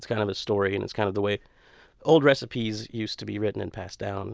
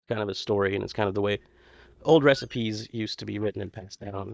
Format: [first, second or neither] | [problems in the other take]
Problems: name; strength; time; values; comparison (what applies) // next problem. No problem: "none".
first | noise reduction (neural mask model DeepFilterNet 3)